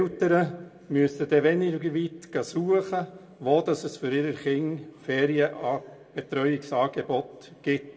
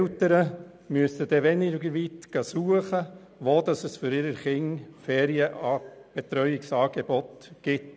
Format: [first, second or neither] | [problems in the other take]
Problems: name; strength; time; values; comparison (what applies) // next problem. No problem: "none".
second | room echo; dies away in 1.3 s